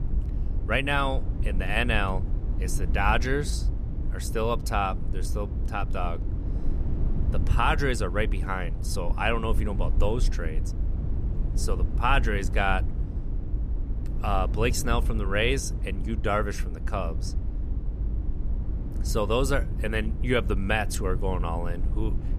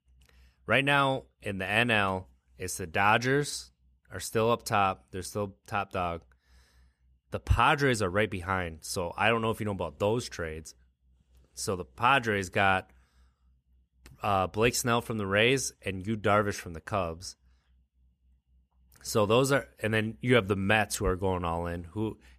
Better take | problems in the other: second | low rumble; noticeable; throughout; 15 dB below the speech

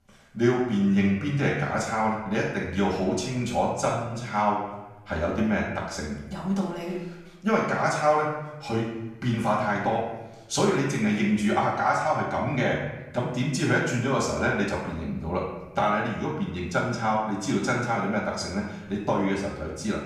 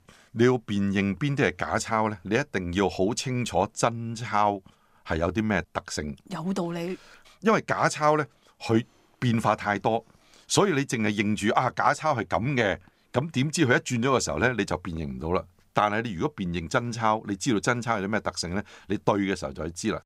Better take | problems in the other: second | off-mic speech; far // room echo; noticeable; dies away in 0.9 s

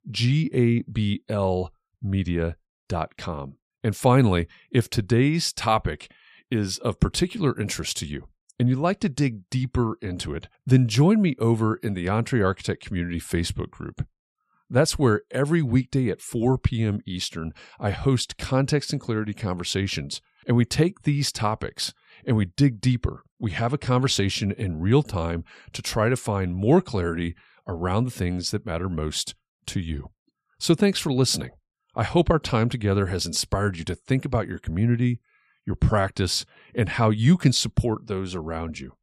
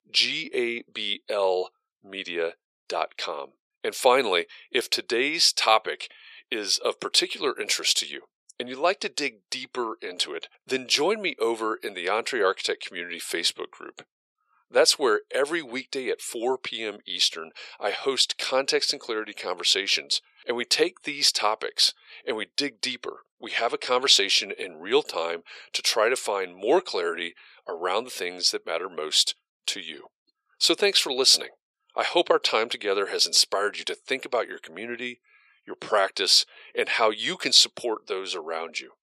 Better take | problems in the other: first | thin; very; fading below 450 Hz

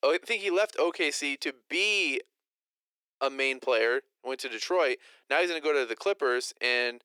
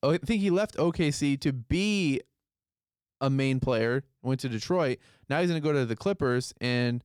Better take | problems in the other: second | thin; very; fading below 350 Hz

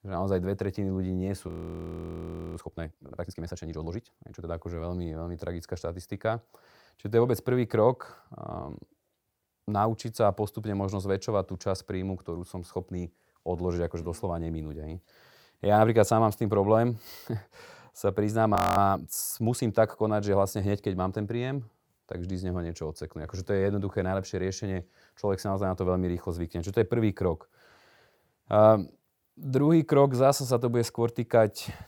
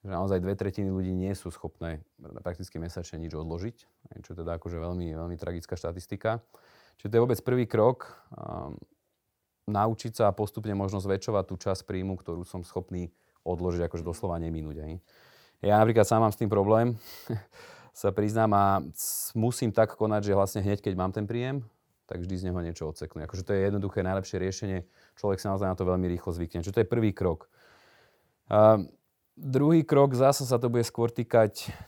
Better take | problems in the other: second | audio freezing; at 1.5 s for 1 s and at 19 s

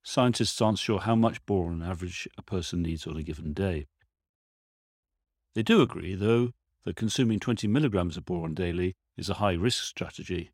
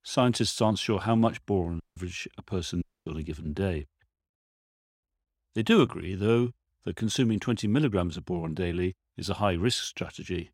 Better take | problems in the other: first | audio cutting out; at 2 s and at 3 s

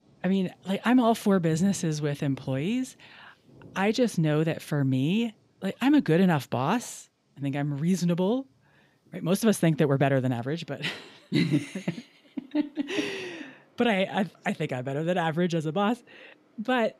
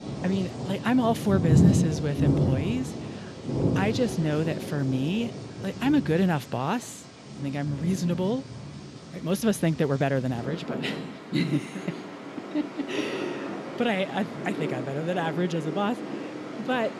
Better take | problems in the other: first | rain or running water; loud; throughout; 3 dB below the speech; faint in the first

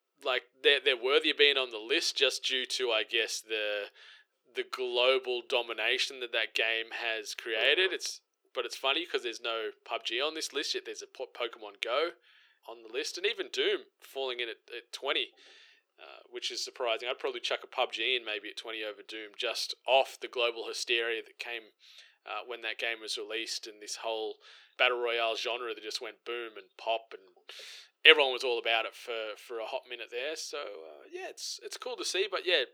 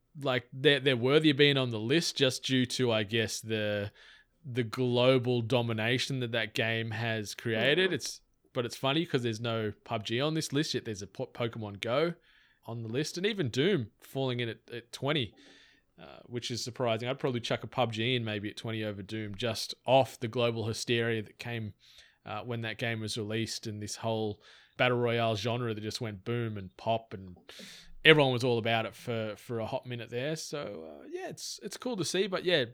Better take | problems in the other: second | thin; very; fading below 350 Hz

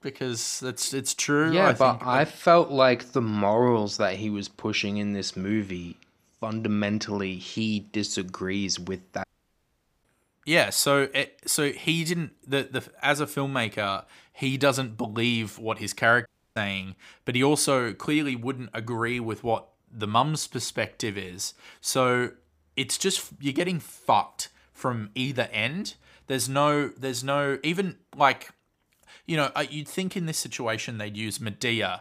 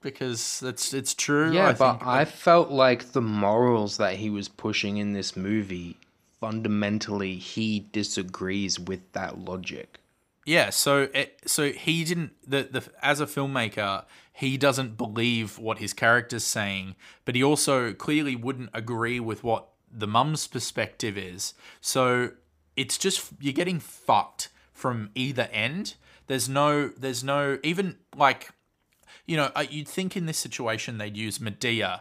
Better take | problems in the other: second | audio cutting out; at 9 s for 1 s and at 16 s

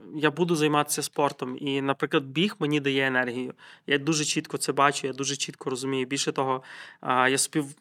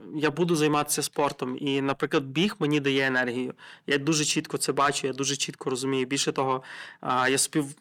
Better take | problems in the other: first | distortion; slight; 10 dB below the speech

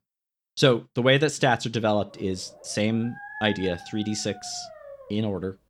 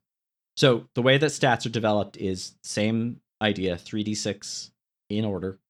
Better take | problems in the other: second | dog barking; faint; from 2 s on; peak 10 dB below the speech

